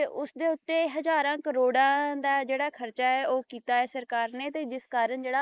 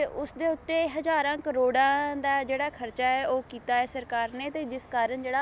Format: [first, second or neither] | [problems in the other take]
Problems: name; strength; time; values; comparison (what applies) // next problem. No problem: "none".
second | noise reduction (neural mask model Resemble Enhance denoiser)